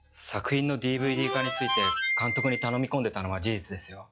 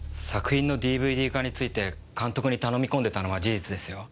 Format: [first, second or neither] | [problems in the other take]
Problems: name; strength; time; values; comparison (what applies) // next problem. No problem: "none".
second | noise reduction (classical method log-MMSE)